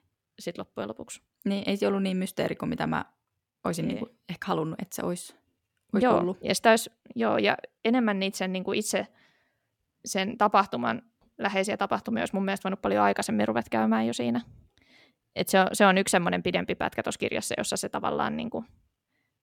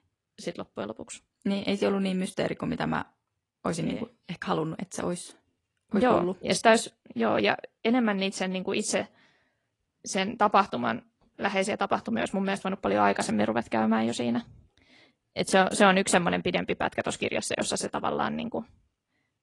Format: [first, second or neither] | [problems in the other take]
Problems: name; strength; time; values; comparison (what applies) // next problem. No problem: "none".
first | garbled, watery; slightly; nothing above 10 kHz